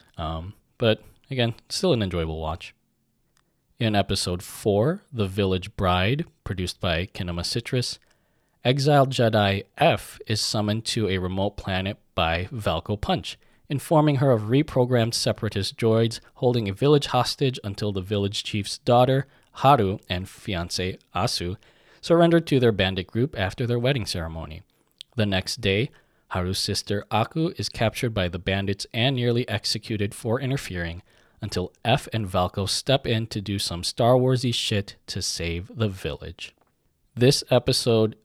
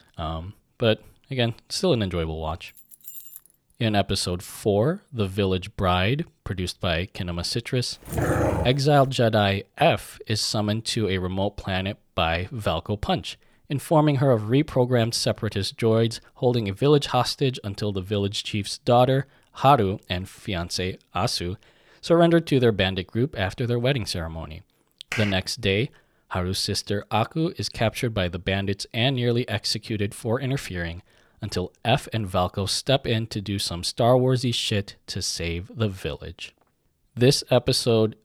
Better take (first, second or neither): first